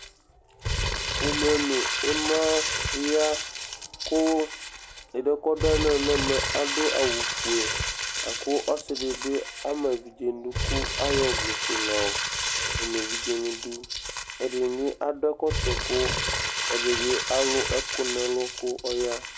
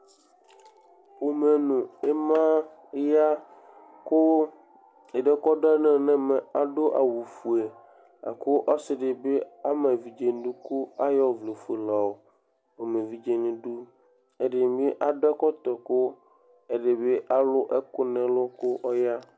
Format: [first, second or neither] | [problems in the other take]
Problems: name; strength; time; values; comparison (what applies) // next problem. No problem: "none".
second | background sound (Crumpling, crinkling); 2 dB below the speech